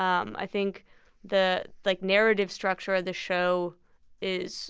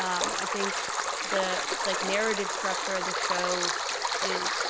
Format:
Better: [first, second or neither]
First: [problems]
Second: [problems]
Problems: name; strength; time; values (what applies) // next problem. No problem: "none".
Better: first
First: none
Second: background sound (Stream); 4 dB above the speech